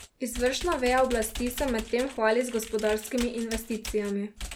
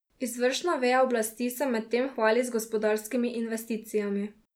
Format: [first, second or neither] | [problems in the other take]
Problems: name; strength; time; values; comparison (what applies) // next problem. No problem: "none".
second | background sound (Computer keyboard); 11 dB below the speech